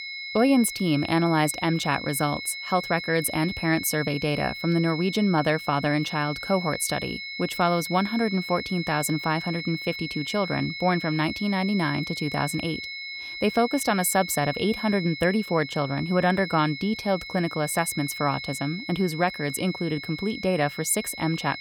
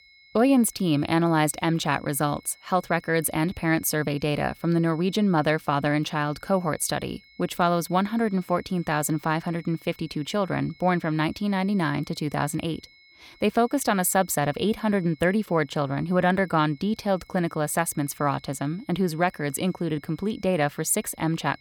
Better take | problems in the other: second | high-pitched whine; loud; throughout; 2 kHz, 8 dB below the speech; faint in the second

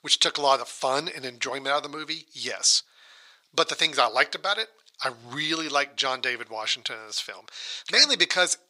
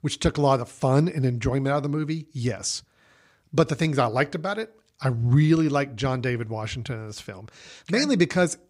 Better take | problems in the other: second | thin; very; fading below 800 Hz

